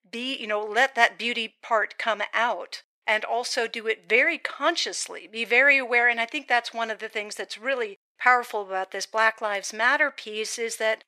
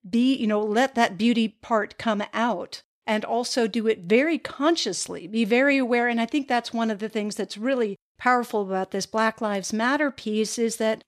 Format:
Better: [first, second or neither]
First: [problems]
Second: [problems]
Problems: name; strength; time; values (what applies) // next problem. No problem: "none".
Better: second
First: thin; very; fading below 600 Hz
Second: none